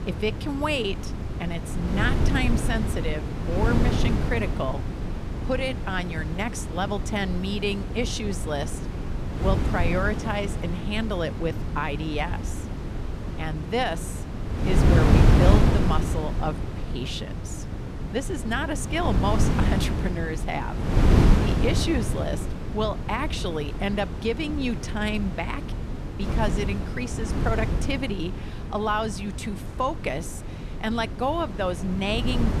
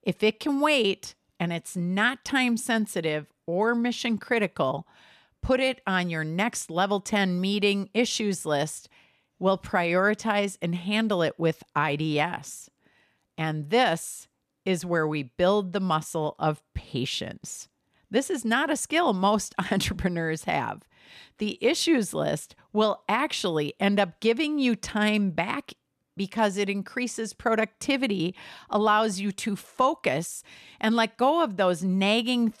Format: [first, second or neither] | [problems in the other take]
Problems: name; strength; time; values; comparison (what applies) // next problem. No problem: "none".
second | wind noise on the microphone; heavy; 5 dB below the speech